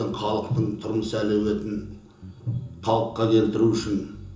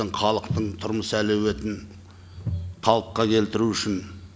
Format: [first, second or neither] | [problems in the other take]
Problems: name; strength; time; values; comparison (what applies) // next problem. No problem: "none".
second | background sound (Bass guitar); 19 dB below the speech // room echo; dies away in 0.6 s